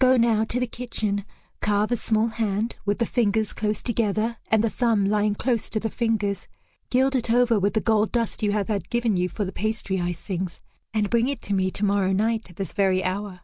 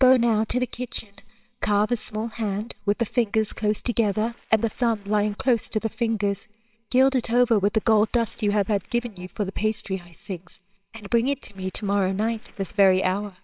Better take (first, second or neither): first